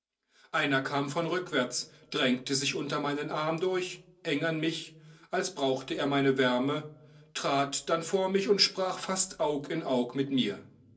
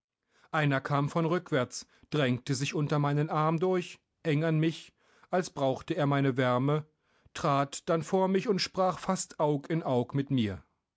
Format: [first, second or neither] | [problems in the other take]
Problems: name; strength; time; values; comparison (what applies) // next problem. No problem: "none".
second | room echo; dies away in 0.3 s